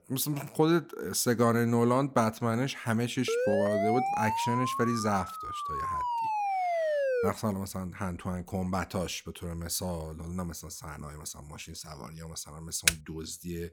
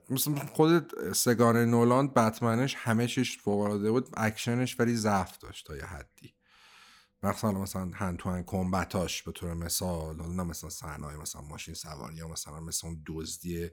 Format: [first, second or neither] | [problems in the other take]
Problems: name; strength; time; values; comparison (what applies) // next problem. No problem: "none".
second | siren; loud; from 3.5 to 7.5 s; peak 3 dB above the speech // keyboard typing; very faint; at 13 s; peak 4 dB above the speech